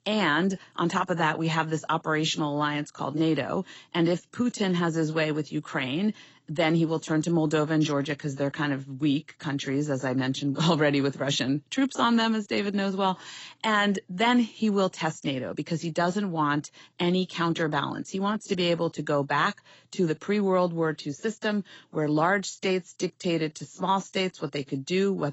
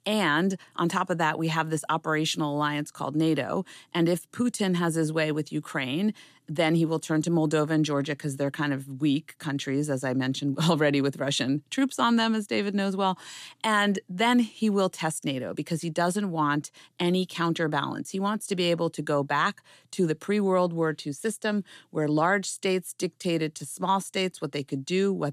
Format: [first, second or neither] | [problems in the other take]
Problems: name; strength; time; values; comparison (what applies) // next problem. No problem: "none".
second | garbled, watery; badly; nothing above 8 kHz